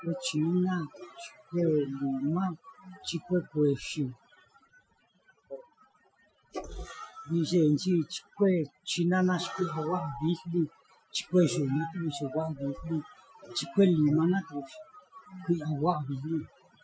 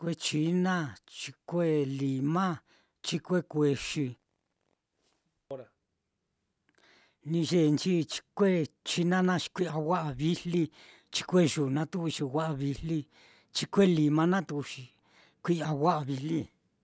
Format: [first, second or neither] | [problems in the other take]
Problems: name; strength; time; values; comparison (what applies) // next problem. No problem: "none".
second | noise reduction (classical method Wiener filter)